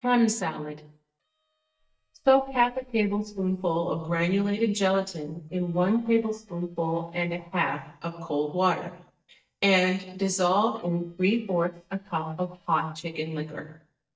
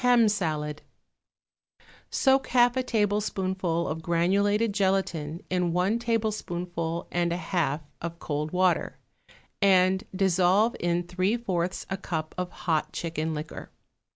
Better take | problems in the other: second | noise reduction (neural mask model DeepFilterNet 3)

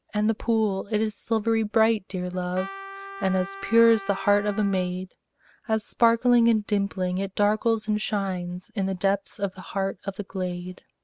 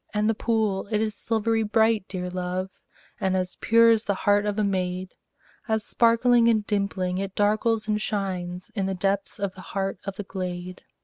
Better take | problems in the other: second | background sound (Trumpet); 15 dB below the speech

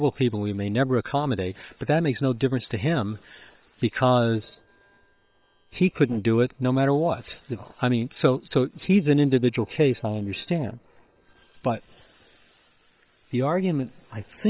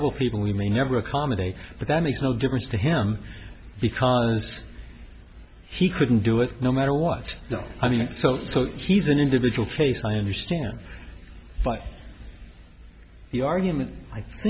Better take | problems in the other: second | noise reduction (neural separator model SepFormer WHAM!)

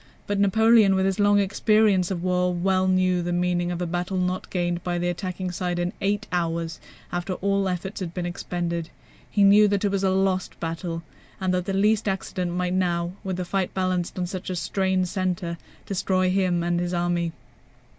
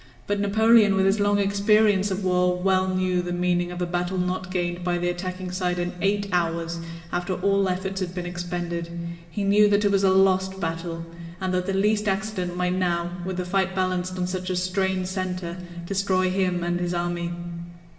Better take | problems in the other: first | room echo; dies away in 1.2 s

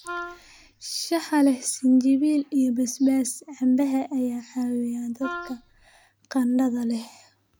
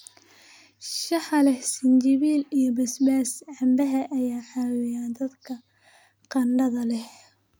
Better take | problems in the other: second | background sound (Wind instrument, woodwind instrument); 13 dB below the speech

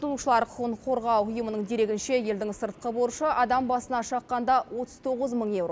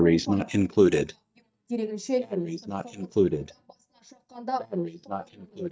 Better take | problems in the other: first | noise reduction (neural mask model DeepFilterNet 3)

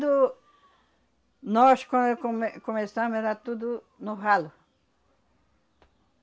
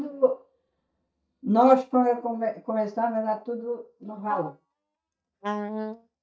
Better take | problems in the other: first | noise reduction (neural mask model DeepFilterNet 3)

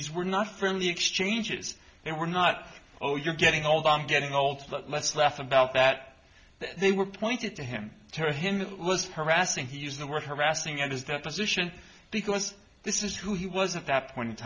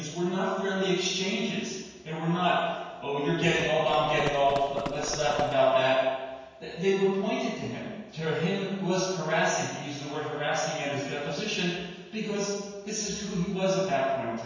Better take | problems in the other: first | background sound (Run); 11 dB below the speech // room echo; dies away in 1.2 s

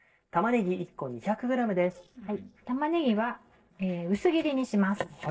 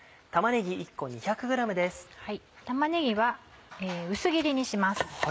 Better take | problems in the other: second | noise reduction (neural separator model SepFormer DNS4)

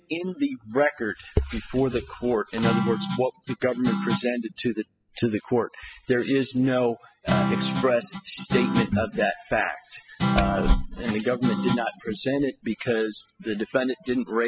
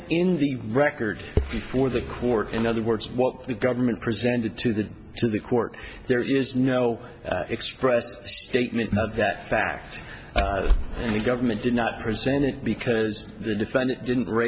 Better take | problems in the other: second | noise reduction (classical method spectral subtraction)

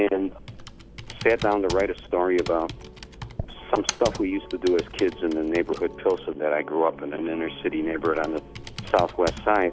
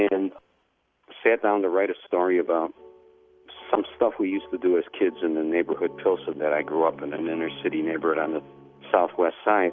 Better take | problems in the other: second | background sound (Computer keyboard); 13 dB below the speech

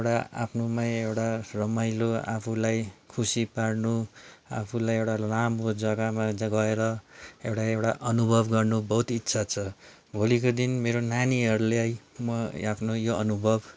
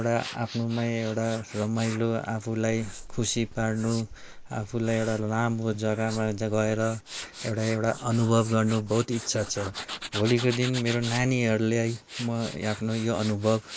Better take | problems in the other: first | noise reduction (neural mask model Resemble Enhance denoiser)

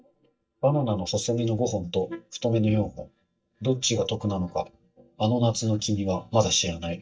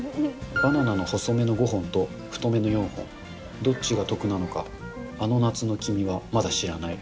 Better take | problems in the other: second | noise reduction (neural mask model DeepFilterNet 3)

